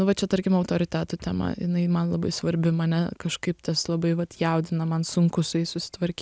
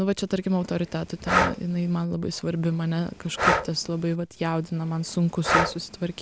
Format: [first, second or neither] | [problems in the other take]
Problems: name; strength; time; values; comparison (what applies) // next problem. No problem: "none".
first | background sound (Breathing); 3 dB below the speech